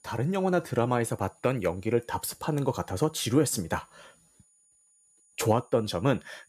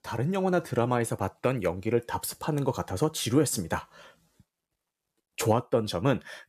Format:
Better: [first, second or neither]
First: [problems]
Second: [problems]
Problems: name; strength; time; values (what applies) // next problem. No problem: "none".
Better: second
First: high-pitched whine; faint; throughout; 9.5 kHz, 30 dB below the speech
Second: none